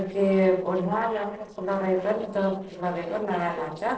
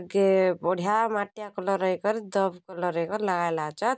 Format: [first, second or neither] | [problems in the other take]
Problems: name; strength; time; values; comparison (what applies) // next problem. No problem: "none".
second | noise reduction (neural separator model SepFormer DNS4)